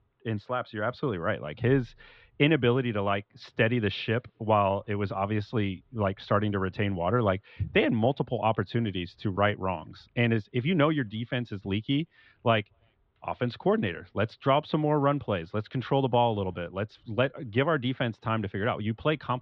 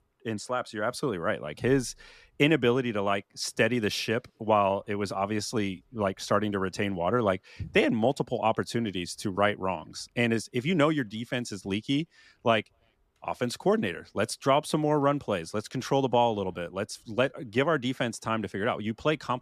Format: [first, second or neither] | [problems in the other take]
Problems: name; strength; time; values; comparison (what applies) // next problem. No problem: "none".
second | muffled; very; fading above 3.5 kHz